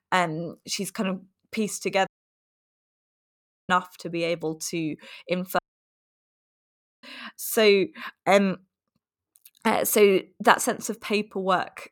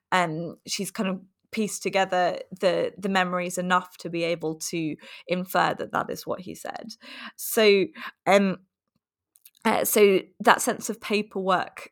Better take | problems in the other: second | audio cutting out; at 2 s for 1.5 s and at 5.5 s for 1.5 s

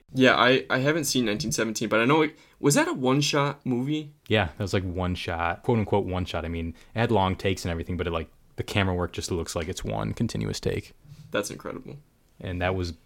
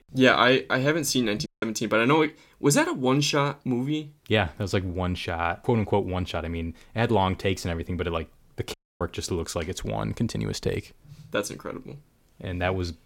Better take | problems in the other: first | audio cutting out; at 1.5 s and at 8.5 s

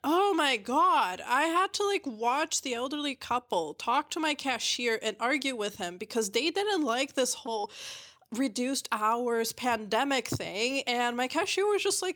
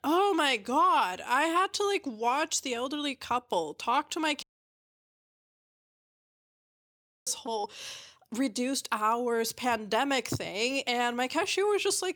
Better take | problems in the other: first | audio cutting out; at 4.5 s for 3 s

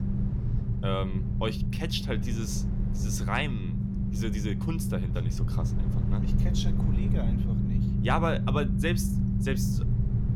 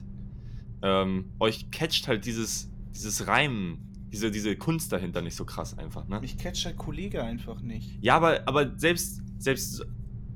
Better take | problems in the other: second | low rumble; loud; throughout; 5 dB below the speech; faint in the second

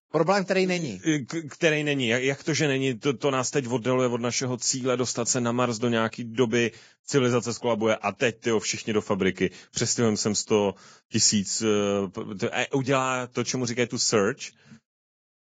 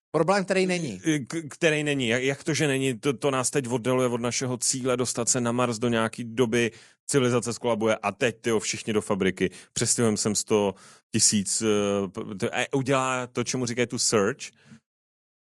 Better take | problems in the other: second | garbled, watery; badly; nothing above 7.5 kHz; slightly in the second

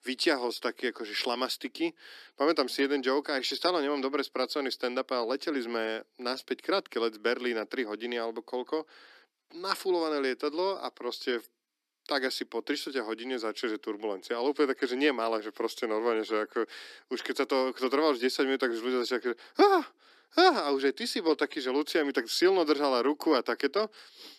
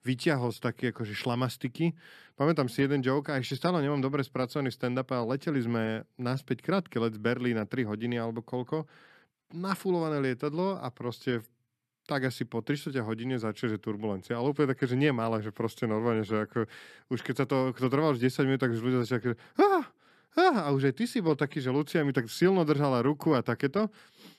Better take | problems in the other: second | thin; somewhat; fading below 300 Hz

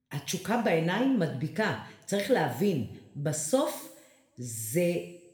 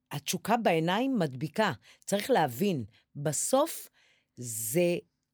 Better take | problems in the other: second | room echo; slight; dies away in 0.8 s

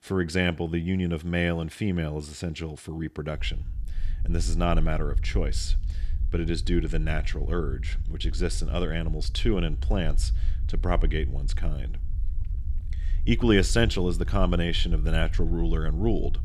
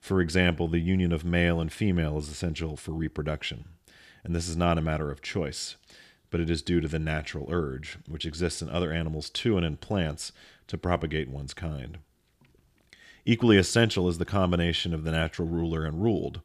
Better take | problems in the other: second | low rumble; faint; from 3.5 s on; 20 dB below the speech

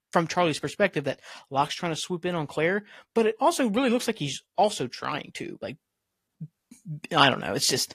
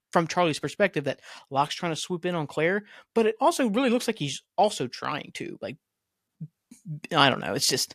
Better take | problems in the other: second | garbled, watery; slightly; nothing above 14.5 kHz

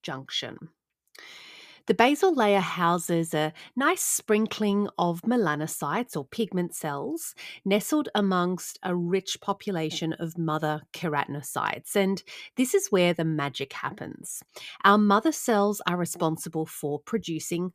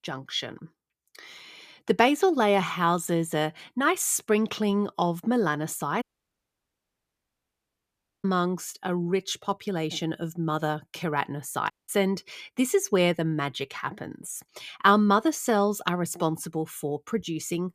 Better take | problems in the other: first | audio cutting out; at 6 s for 2 s and at 12 s

